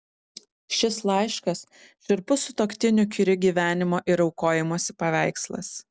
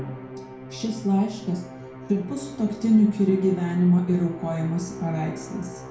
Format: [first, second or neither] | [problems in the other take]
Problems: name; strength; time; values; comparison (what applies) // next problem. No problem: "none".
first | background sound (Musical instrument); 14 dB below the speech // room echo; dies away in 0.6 s